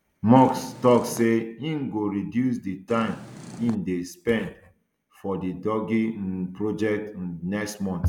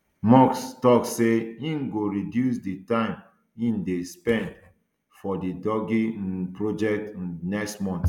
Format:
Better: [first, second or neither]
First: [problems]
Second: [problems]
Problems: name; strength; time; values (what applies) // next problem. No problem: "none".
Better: second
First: background sound (Purr); 15 dB below the speech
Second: none